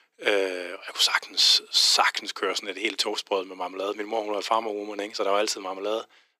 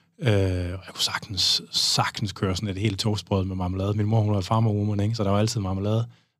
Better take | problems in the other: second | thin; very; fading below 350 Hz

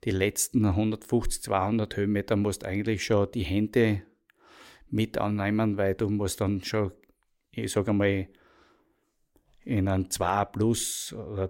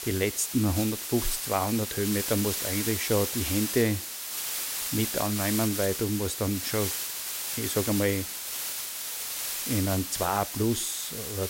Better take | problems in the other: first | hiss; loud; throughout; 2 dB below the speech

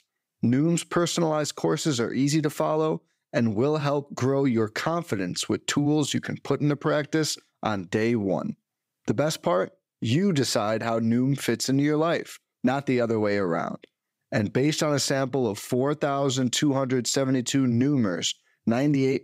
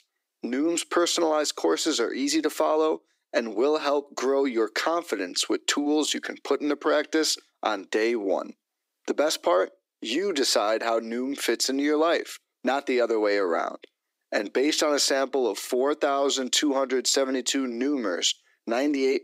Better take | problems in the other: first | thin; somewhat; fading below 300 Hz

